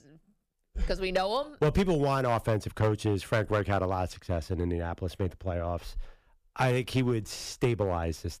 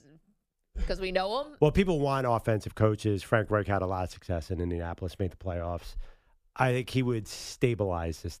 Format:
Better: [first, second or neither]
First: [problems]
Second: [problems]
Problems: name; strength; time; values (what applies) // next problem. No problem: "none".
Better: second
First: distortion; slight; 3% of the sound clipped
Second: none